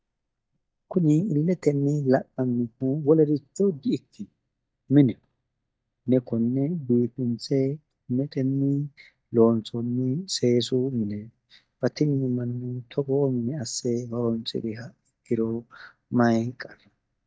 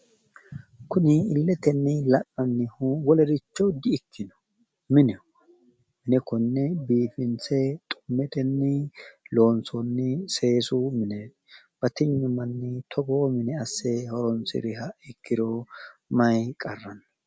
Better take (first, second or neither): second